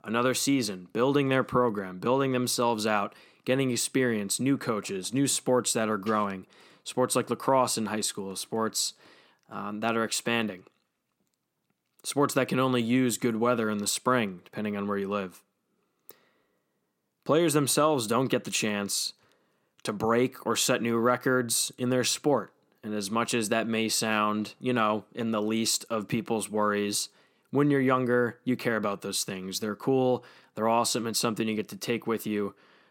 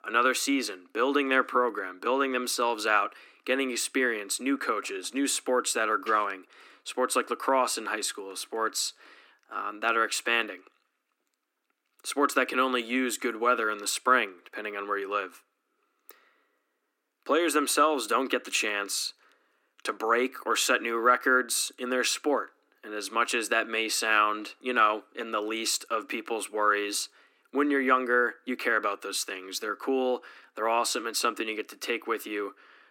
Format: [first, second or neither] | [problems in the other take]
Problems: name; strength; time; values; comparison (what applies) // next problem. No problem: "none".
first | thin; somewhat; fading below 250 Hz